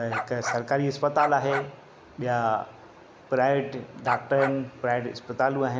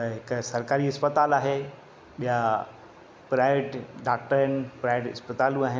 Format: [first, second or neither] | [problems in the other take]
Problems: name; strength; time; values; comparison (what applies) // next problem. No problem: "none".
second | background sound (Bark); 7 dB below the speech